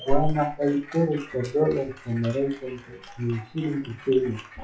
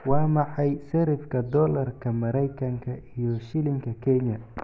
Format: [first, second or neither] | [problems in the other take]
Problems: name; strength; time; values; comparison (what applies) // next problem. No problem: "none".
second | noise reduction (classical method WPE with log-MMSE)